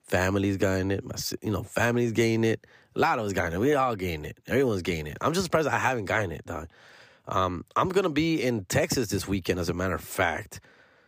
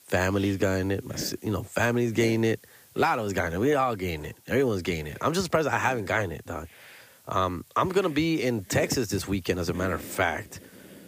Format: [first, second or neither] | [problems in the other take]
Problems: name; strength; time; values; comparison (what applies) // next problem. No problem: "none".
first | hiss; noticeable; throughout; 20 dB below the speech